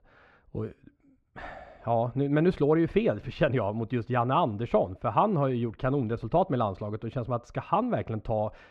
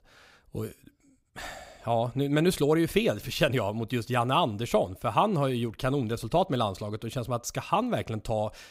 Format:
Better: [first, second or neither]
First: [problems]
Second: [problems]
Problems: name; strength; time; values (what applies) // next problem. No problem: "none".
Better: second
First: muffled; very; fading above 1.5 kHz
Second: none